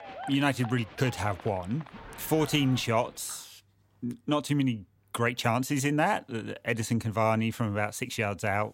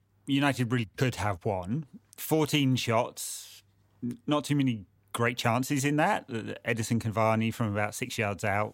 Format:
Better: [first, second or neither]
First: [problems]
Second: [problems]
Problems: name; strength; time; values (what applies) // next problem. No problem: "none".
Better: second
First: crowd noise; noticeable; until 3 s; 15 dB below the speech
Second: none